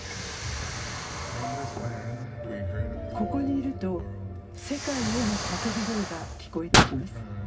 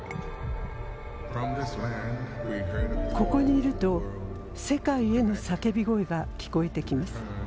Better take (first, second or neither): second